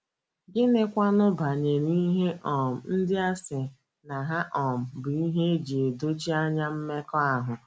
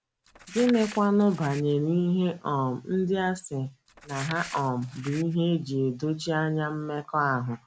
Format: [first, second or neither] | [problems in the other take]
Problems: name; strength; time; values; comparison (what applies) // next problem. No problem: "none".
first | background sound (Crumpling, crinkling); 17 dB below the speech